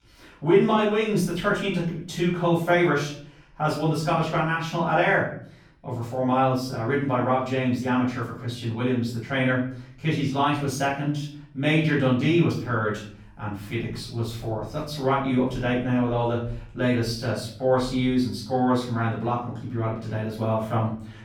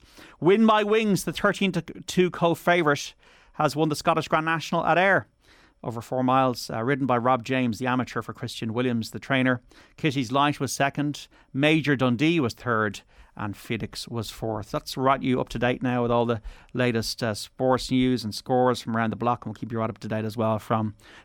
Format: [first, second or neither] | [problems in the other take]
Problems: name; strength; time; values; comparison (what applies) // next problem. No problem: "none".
second | room echo; noticeable; dies away in 0.6 s // off-mic speech; far